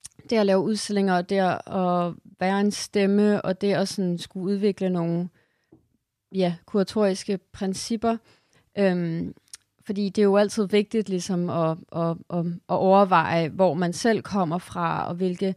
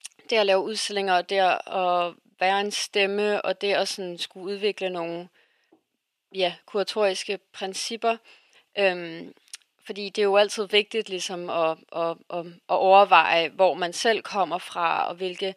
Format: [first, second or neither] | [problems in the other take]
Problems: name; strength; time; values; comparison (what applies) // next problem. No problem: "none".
first | thin; very; fading below 500 Hz